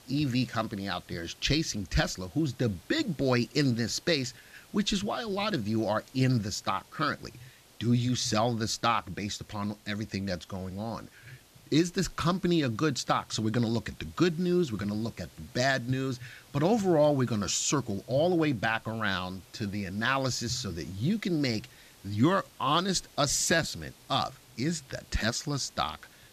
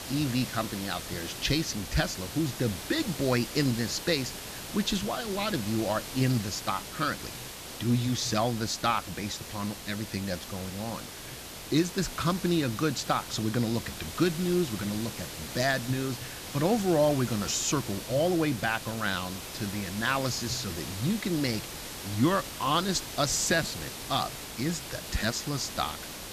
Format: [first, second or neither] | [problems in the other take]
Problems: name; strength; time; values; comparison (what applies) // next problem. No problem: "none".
first | hiss; loud; throughout; 9 dB below the speech; faint in the first